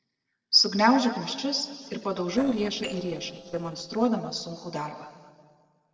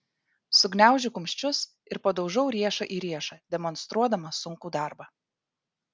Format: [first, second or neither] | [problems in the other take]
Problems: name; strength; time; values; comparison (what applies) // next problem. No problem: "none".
second | noise reduction (neural separator model SepFormer DNS4)